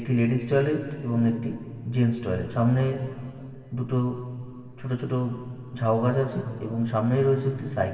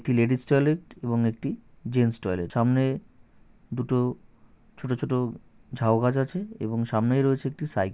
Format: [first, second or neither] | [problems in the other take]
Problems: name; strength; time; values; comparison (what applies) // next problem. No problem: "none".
second | room echo; dies away in 2.6 s